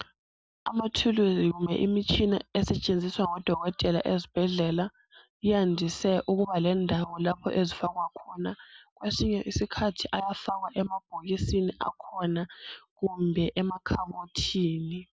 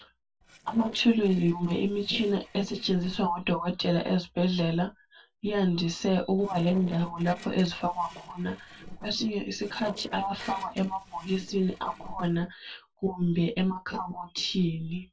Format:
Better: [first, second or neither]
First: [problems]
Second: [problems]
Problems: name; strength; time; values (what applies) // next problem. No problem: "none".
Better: first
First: none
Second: noise reduction (neural separator model SepFormer DNS4)